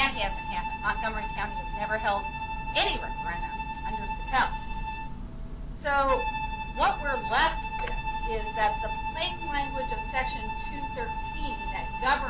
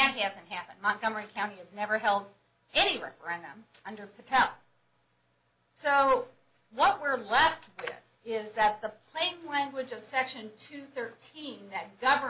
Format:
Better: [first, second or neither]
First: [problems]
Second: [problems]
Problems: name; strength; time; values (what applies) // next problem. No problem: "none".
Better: second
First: background sound (Bowed string instrument + Church bell); 1 dB below the speech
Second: none